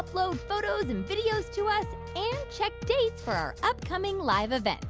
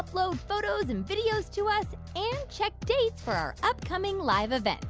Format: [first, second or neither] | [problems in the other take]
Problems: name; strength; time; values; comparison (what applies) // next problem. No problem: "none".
second | background sound (Wind instrument, woodwind instrument); 16 dB below the speech